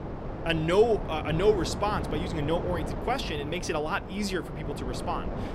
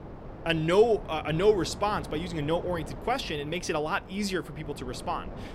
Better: second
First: wind noise on the microphone; heavy; 9 dB below the speech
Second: wind noise on the microphone; occasional gusts; 15 dB below the speech

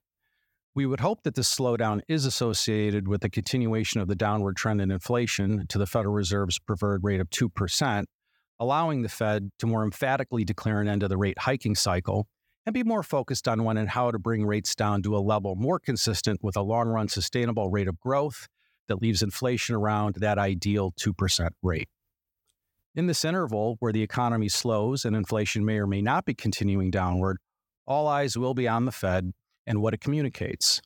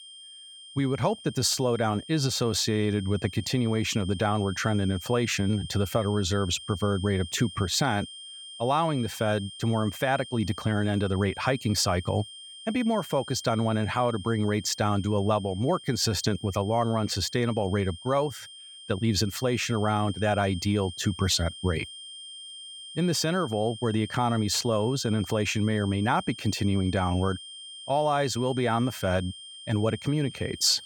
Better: first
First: none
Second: high-pitched whine; noticeable; throughout; 3 kHz, 15 dB below the speech

